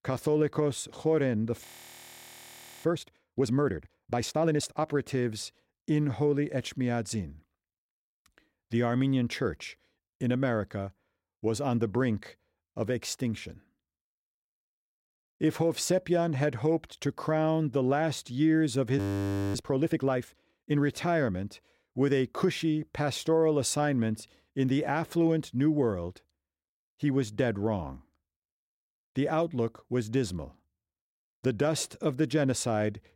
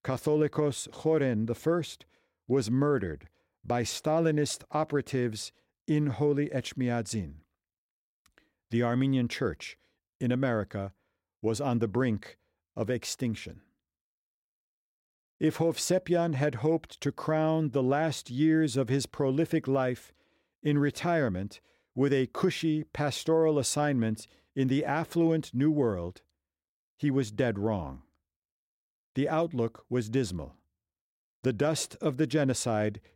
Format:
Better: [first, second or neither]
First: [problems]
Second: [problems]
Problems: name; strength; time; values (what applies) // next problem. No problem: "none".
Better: second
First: audio freezing; at 1.5 s for 1 s and at 19 s for 0.5 s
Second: none